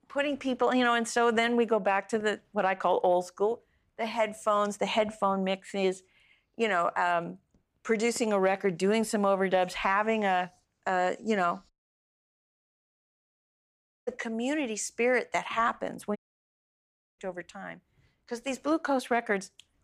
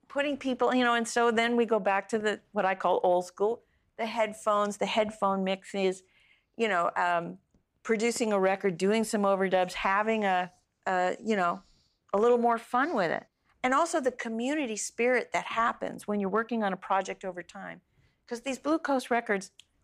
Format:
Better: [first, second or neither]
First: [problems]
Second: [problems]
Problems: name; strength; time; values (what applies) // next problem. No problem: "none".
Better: second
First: audio cutting out; at 12 s for 2.5 s and at 16 s for 1 s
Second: none